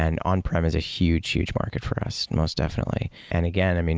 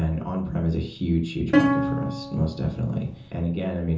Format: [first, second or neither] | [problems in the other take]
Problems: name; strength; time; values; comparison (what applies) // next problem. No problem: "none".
first | background sound (Plucked string instrument); 1 dB above the speech // room echo; dies away in 0.6 s